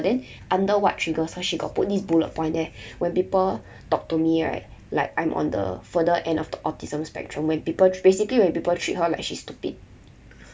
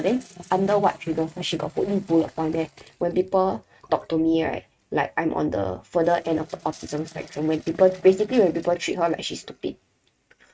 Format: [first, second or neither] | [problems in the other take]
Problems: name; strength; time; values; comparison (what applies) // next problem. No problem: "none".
first | noise reduction (neural mask model RNNoise)